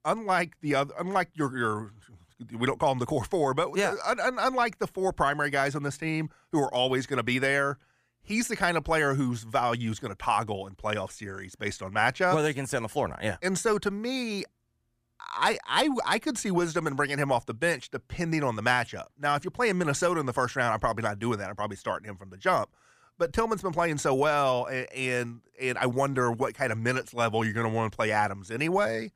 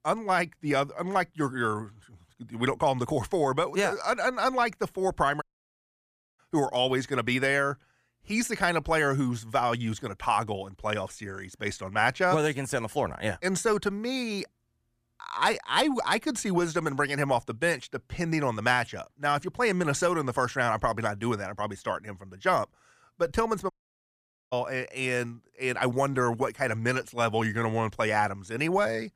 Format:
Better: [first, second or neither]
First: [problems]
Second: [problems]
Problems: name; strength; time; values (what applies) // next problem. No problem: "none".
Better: first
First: none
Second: audio cutting out; at 5.5 s for 1 s and at 24 s for 1 s